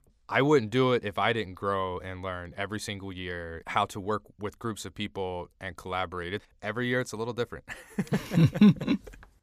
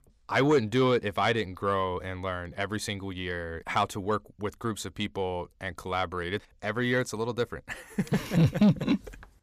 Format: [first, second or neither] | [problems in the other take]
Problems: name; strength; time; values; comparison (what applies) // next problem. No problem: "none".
first | distortion; slight; 10 dB below the speech